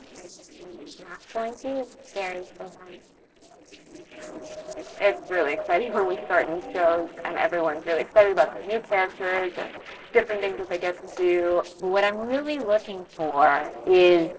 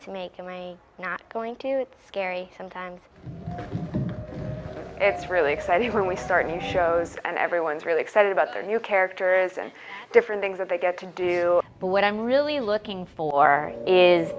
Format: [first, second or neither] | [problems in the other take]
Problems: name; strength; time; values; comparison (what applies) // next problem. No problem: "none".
second | noise reduction (neural separator model SepFormer DNS4)